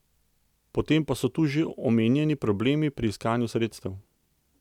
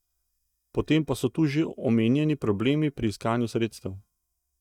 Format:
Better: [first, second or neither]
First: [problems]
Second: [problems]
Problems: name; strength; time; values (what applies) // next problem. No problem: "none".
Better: first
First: none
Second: noise reduction (neural mask model DeepFilterNet 3)